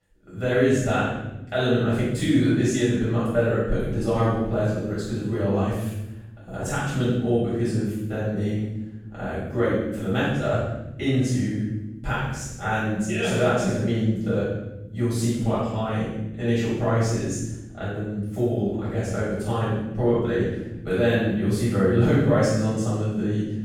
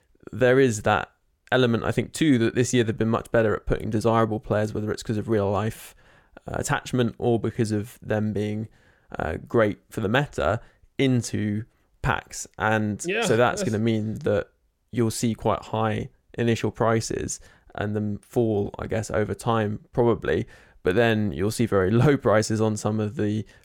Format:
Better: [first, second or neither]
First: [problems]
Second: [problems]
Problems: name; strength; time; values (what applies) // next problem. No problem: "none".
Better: second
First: off-mic speech; far // room echo; strong; dies away in 1.1 s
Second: none